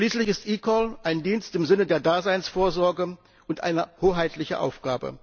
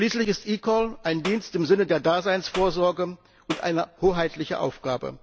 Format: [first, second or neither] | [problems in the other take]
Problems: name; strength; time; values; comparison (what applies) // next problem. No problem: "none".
first | background sound (Clapping); 14 dB below the speech